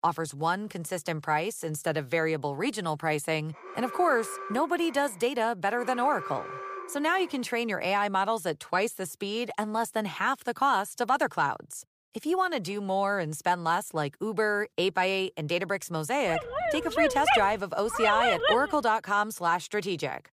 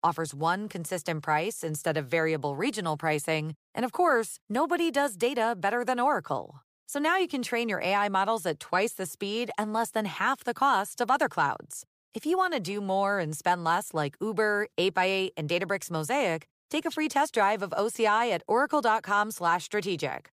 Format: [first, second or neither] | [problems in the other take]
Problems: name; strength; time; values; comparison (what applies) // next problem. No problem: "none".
second | alarm; noticeable; from 3.5 to 7.5 s; peak 9 dB below the speech // dog barking; loud; from 16 to 19 s; peak 5 dB above the speech